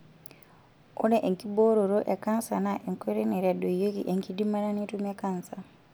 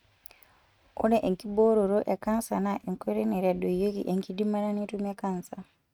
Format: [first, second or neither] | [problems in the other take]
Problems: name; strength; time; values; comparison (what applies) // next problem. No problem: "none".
first | noise reduction (neural mask model RNNoise)